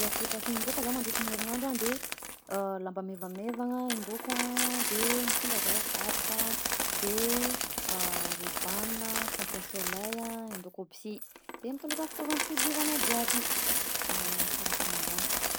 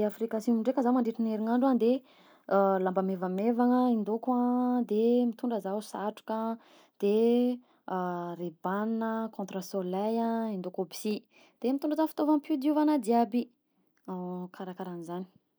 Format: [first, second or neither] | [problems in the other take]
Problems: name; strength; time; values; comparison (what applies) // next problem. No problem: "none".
second | background sound (Coin (dropping)); 4 dB above the speech